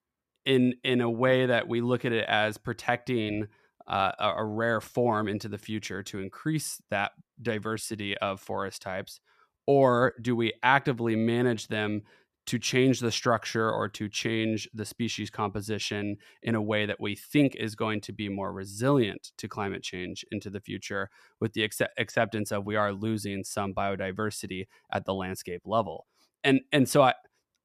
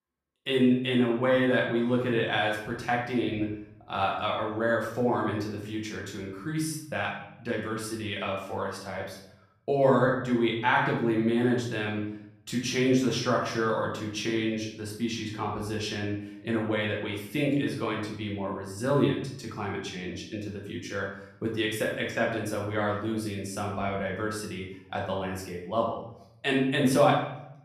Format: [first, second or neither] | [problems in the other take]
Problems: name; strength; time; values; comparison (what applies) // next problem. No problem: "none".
first | room echo; noticeable; dies away in 0.6 s // off-mic speech; far